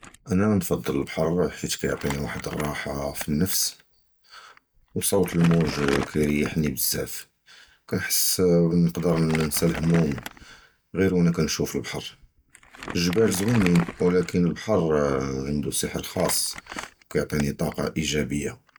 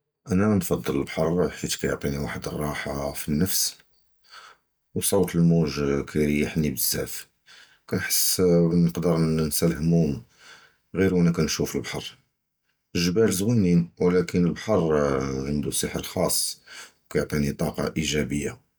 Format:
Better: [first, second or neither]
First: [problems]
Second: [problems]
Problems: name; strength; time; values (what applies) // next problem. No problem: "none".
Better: second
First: background sound (Crumpling, crinkling); 15 dB below the speech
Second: none